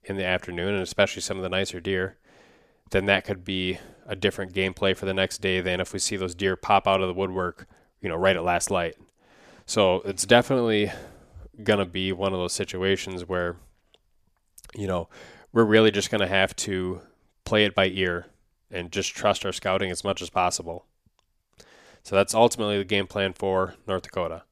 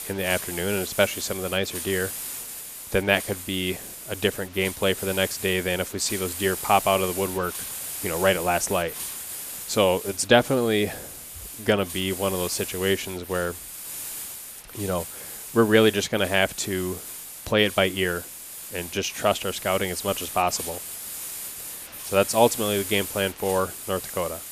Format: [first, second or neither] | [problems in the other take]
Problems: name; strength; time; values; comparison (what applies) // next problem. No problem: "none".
first | hiss; loud; throughout; 9 dB below the speech